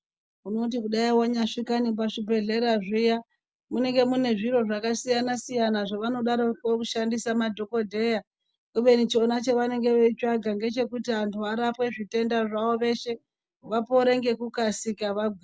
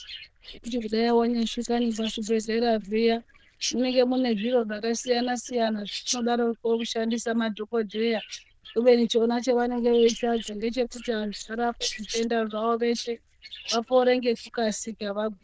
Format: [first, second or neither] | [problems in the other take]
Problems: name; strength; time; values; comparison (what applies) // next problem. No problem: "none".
first | noise reduction (neural diffusion model UNIVERSE++)